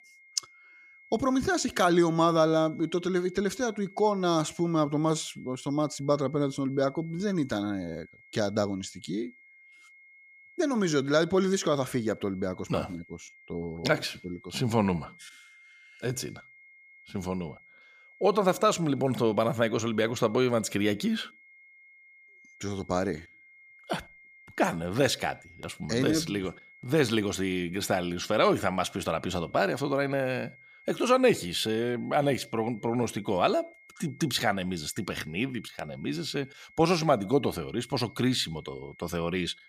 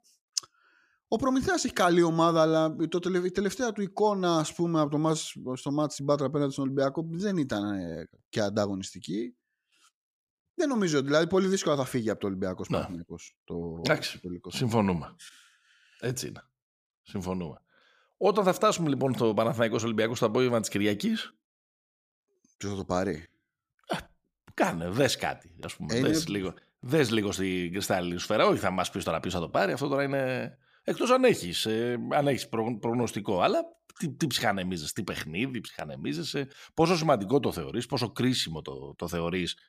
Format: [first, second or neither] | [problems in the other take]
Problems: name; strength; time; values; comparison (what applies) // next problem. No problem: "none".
second | high-pitched whine; faint; throughout; 2 kHz, 25 dB below the speech